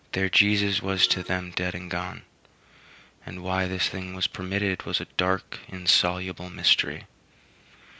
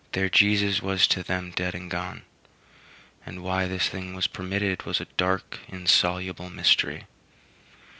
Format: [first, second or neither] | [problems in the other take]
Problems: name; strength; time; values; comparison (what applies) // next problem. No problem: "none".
second | background sound (Piano); 16 dB below the speech